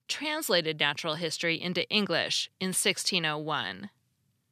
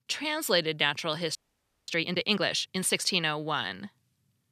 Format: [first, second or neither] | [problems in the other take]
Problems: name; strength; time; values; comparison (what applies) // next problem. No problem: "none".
first | audio freezing; at 1.5 s for 0.5 s